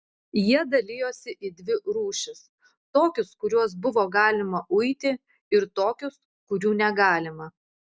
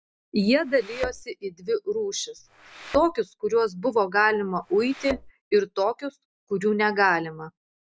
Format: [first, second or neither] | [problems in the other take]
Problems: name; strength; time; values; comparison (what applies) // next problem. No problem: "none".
first | background sound (Thump, thud); 14 dB below the speech